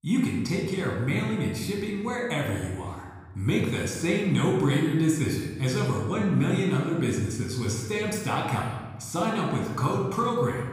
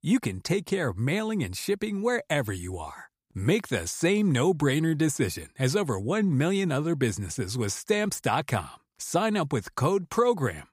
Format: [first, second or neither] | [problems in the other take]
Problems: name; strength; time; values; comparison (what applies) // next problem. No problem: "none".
second | off-mic speech; somewhat distant // room echo; noticeable; dies away in 1.1 s